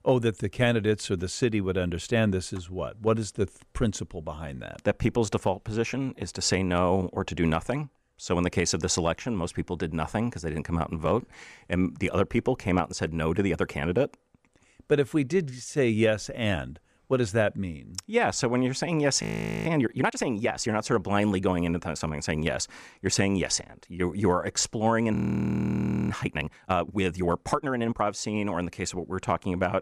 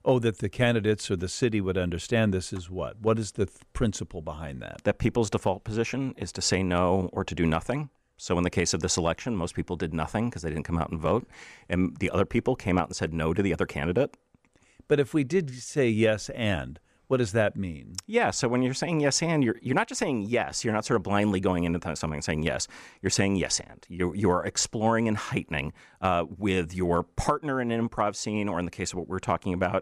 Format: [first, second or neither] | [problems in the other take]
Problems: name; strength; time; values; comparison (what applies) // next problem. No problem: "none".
second | audio freezing; at 19 s and at 25 s for 1 s